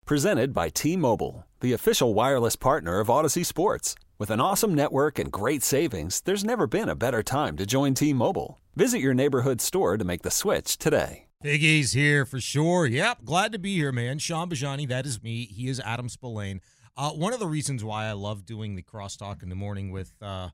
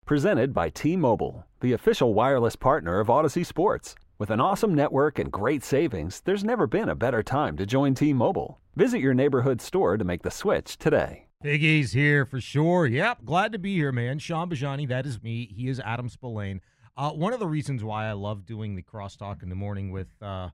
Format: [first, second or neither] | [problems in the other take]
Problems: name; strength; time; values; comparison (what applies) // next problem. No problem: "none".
first | muffled; slightly; fading above 4 kHz